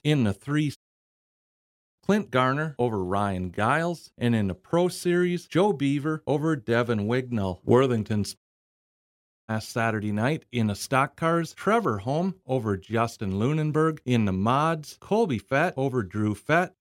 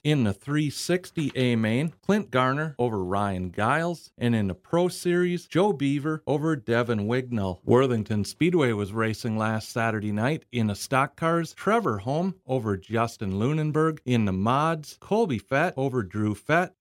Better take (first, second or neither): second